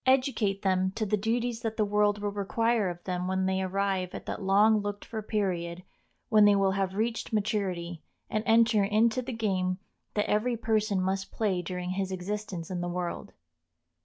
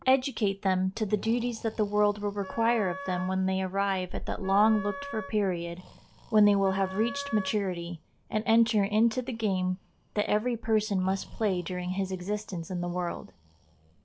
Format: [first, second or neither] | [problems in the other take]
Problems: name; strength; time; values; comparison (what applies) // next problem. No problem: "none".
first | background sound (Wind instrument, woodwind instrument + Breathing); 15 dB below the speech